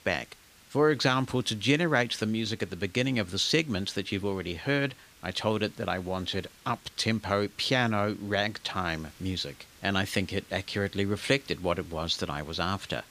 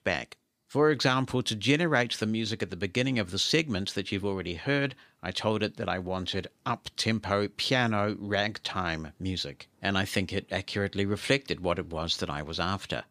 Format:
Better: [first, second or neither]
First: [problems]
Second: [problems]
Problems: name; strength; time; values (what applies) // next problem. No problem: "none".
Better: second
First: hiss; faint; throughout; 25 dB below the speech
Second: none